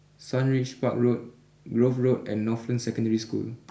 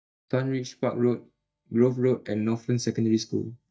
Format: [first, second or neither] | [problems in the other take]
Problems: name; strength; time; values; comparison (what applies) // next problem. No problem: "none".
first | noise reduction (neural mask model DeepFilterNet 3)